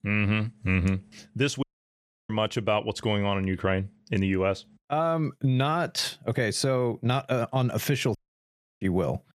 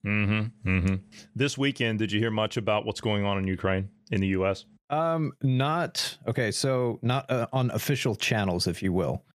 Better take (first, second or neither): second